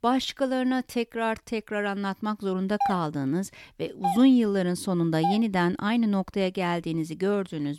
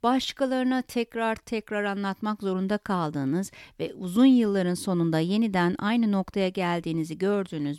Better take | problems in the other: second | doorbell; noticeable; from 3 to 5.5 s; peak 3 dB below the speech

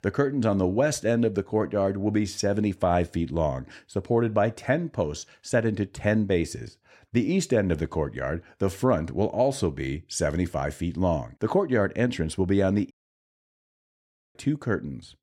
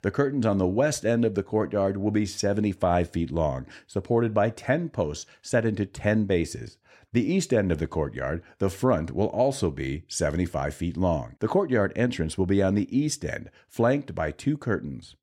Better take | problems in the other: second | audio cutting out; at 13 s for 1.5 s

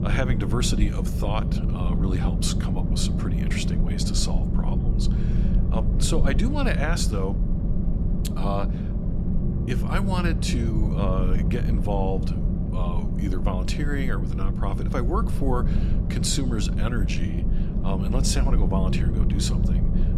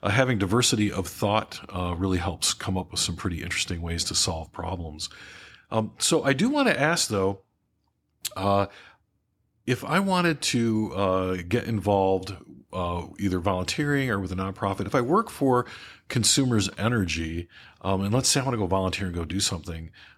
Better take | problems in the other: second | low rumble; loud; throughout; 5 dB below the speech

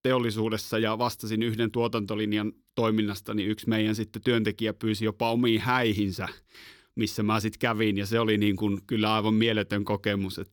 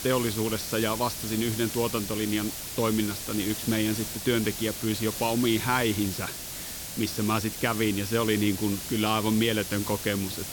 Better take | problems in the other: first | hiss; loud; throughout; 6 dB below the speech

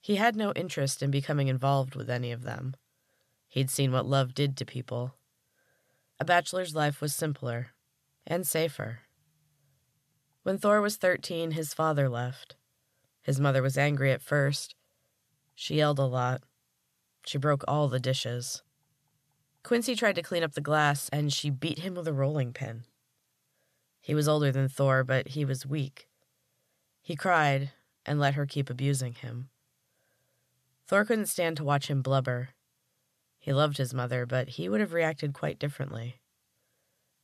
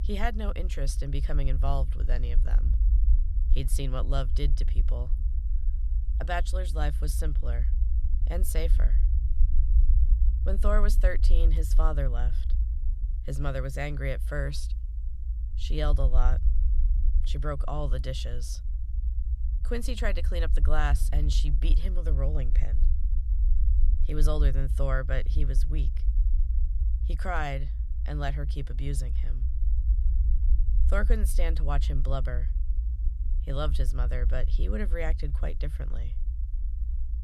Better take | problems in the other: first | low rumble; noticeable; throughout; 15 dB below the speech

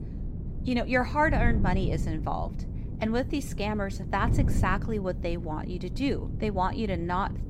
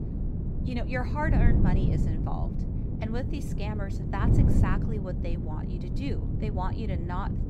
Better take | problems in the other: first | wind noise on the microphone; heavy; 3 dB below the speech; occasional gusts in the first

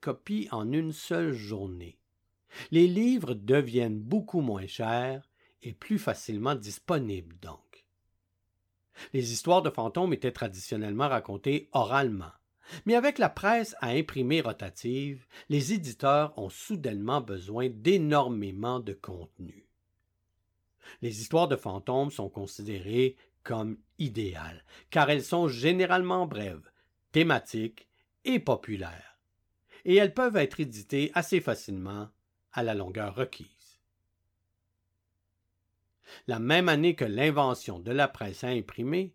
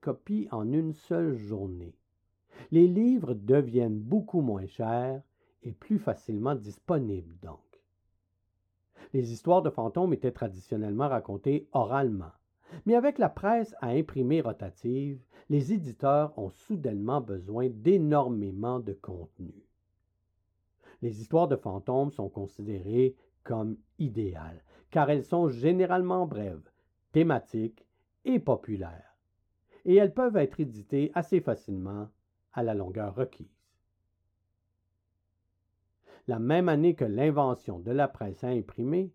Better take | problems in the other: first | muffled; very; fading above 1.5 kHz

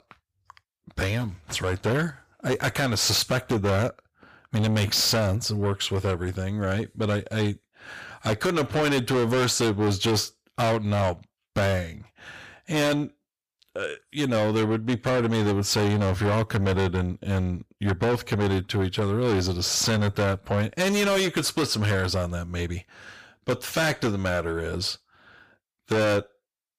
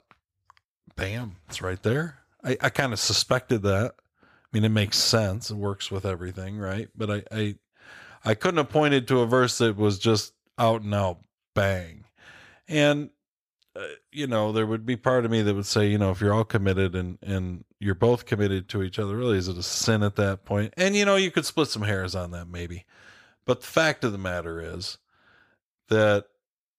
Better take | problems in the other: second | distortion; heavy; 6 dB below the speech

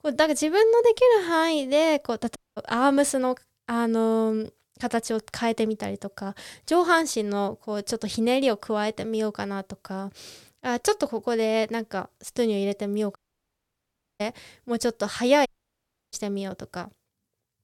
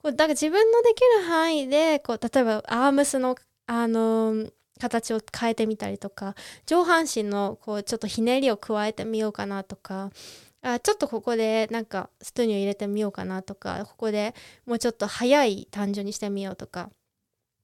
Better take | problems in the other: second | audio cutting out; at 2.5 s, at 13 s for 1 s and at 15 s for 0.5 s

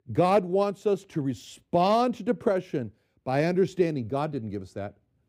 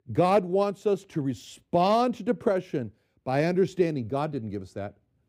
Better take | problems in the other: neither | muffled; slightly; fading above 3 kHz; the same in both

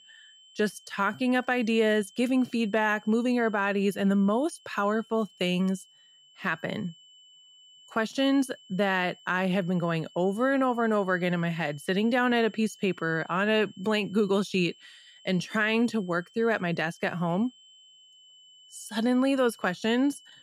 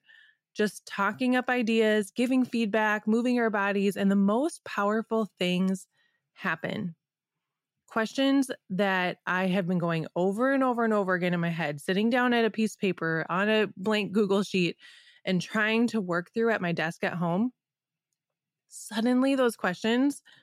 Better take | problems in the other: second | high-pitched whine; faint; throughout; 3 kHz, 25 dB below the speech

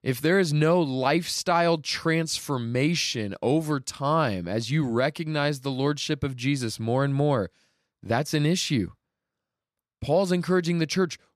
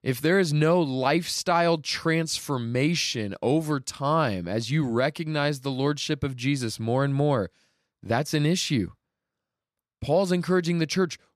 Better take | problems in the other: neither | none

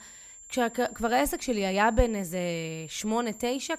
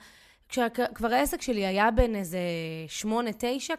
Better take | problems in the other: second | high-pitched whine; noticeable; throughout; 7.5 kHz, 15 dB below the speech

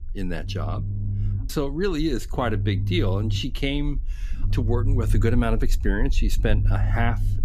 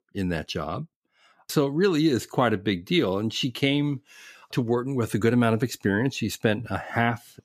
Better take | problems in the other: second | low rumble; noticeable; throughout; 10 dB below the speech

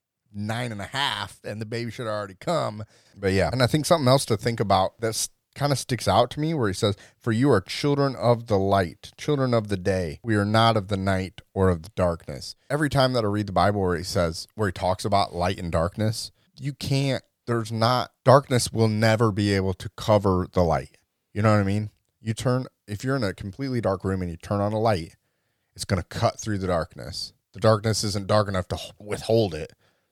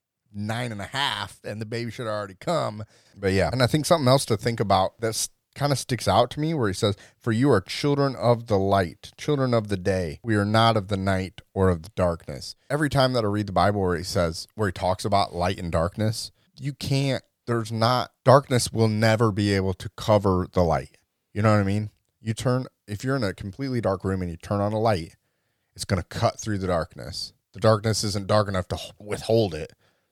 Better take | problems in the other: neither | none

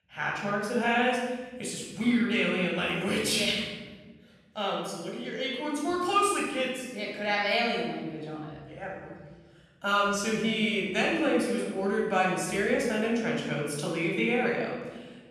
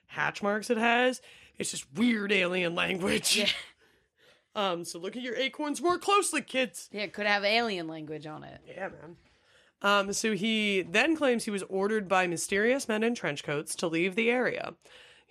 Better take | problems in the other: second | off-mic speech; far // room echo; noticeable; dies away in 1.4 s

